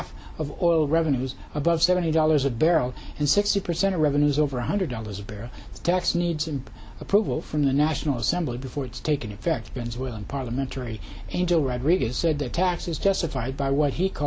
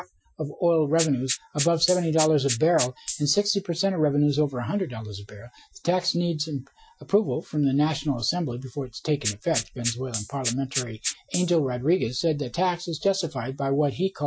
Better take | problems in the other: first | noise reduction (classical method Wiener filter)

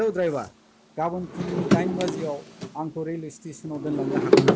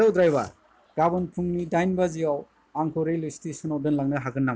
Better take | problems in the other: second | background sound (Drawer open or close); 3 dB above the speech

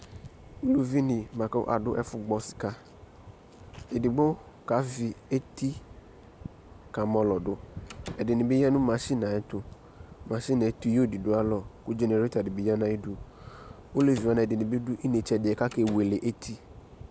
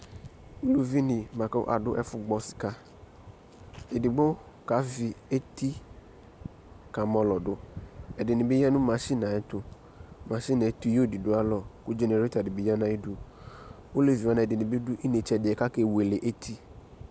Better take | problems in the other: second | background sound (Slam); 20 dB below the speech

